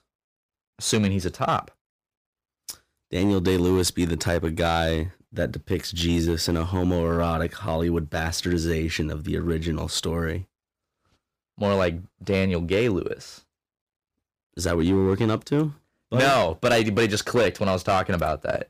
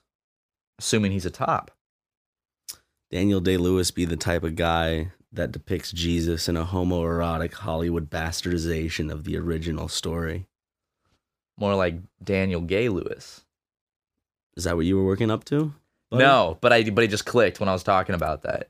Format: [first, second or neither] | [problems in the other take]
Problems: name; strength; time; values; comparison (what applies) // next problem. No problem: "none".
second | distortion; slight; 5% of the sound clipped